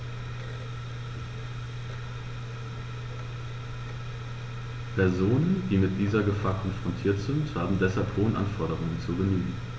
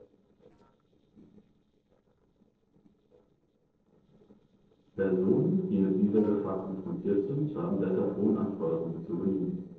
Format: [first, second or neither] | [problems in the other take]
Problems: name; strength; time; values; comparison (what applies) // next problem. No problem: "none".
first | noise reduction (neural separator model SepFormer DNS4)